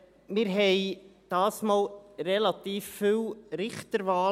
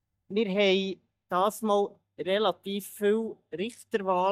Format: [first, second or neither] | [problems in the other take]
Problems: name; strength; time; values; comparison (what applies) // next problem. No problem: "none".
first | noise reduction (neural mask model DeepFilterNet 3)